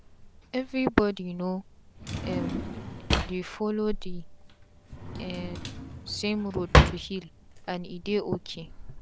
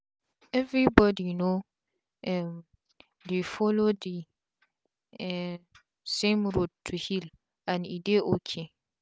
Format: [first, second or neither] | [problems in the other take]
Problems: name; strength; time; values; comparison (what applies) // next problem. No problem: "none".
second | background sound (Drawer open or close); 1 dB above the speech